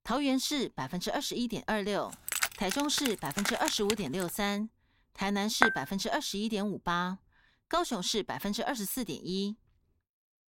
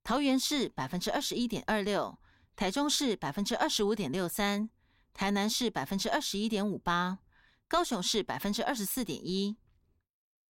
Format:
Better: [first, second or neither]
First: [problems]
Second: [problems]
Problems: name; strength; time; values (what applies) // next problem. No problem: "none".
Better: second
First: jangling keys; loud; from 2 to 4.5 s; peak 1 dB above the speech // clattering dishes; loud; at 5.5 s; peak 5 dB above the speech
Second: none